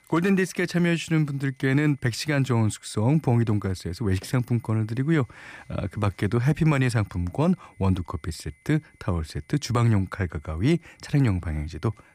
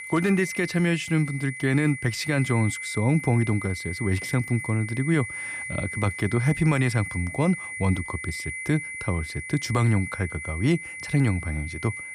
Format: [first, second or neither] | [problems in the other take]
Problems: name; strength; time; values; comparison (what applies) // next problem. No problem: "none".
first | high-pitched whine; loud; throughout; 2 kHz, 8 dB below the speech; faint in the first